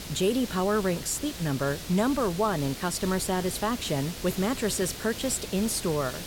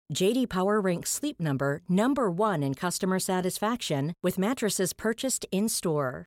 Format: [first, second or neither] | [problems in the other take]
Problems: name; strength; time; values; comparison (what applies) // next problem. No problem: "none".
second | hiss; loud; throughout; 10 dB below the speech